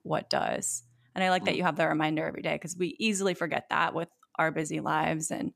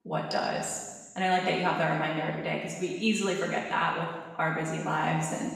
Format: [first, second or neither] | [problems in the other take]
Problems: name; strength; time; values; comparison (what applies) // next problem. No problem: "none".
first | room echo; noticeable; dies away in 1.2 s // off-mic speech; far